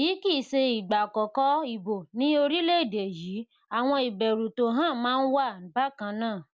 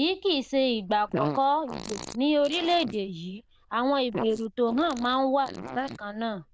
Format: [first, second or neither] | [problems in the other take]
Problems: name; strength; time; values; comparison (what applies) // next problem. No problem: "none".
first | noise reduction (neural diffusion model UNIVERSE++)